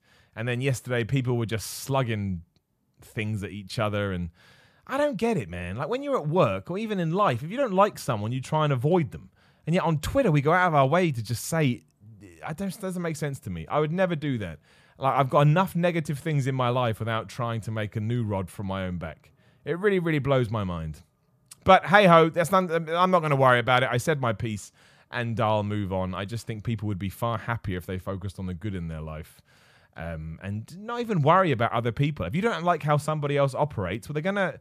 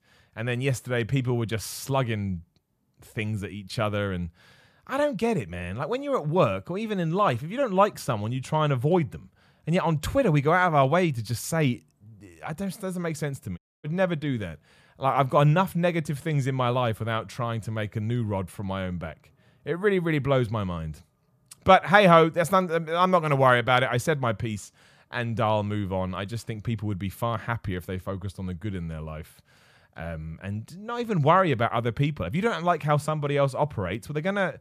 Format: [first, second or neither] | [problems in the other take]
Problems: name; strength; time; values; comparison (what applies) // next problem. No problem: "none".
first | audio cutting out; at 14 s